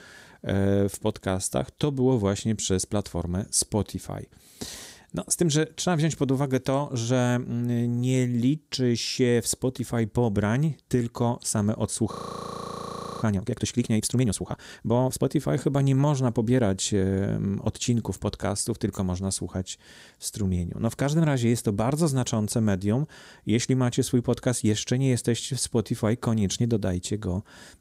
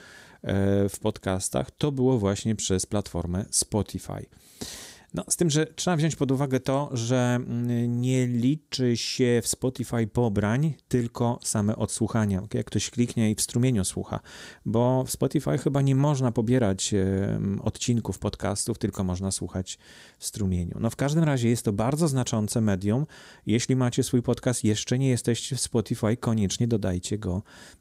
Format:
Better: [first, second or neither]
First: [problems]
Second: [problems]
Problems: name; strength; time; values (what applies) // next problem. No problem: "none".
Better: second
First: audio freezing; at 12 s for 1 s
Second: none